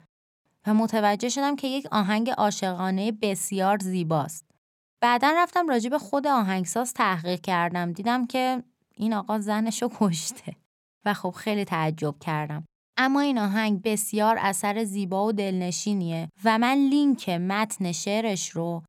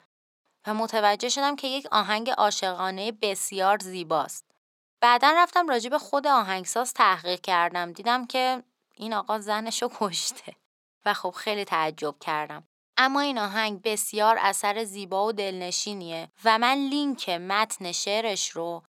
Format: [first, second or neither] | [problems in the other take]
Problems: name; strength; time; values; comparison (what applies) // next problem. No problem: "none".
first | thin; somewhat; fading below 400 Hz